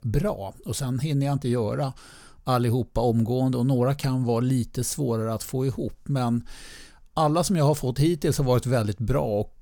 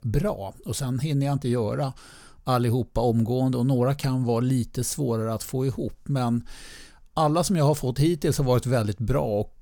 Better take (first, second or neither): neither